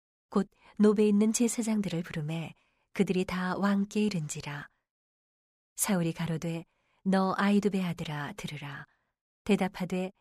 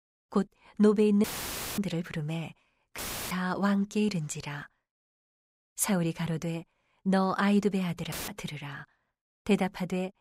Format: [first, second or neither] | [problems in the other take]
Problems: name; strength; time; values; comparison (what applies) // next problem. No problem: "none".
first | audio cutting out; filled with static; at 1 s for 0.5 s, at 3 s and at 8 s